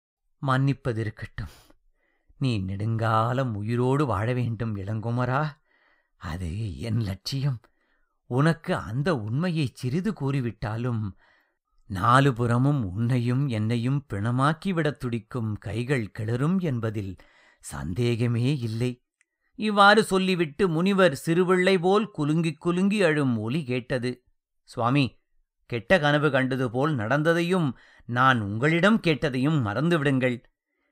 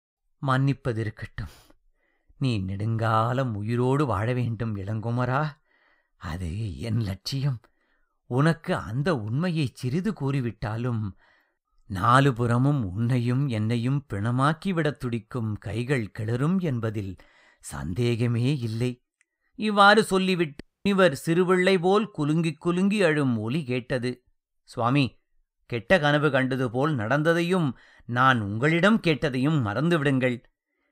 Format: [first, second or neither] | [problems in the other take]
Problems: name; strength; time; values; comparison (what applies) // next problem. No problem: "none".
first | audio cutting out; at 21 s